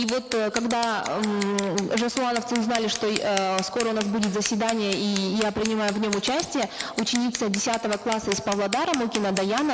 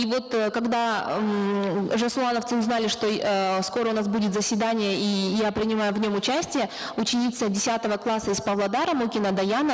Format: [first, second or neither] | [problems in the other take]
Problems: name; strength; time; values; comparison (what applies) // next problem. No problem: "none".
second | background sound (Scissors); 11 dB below the speech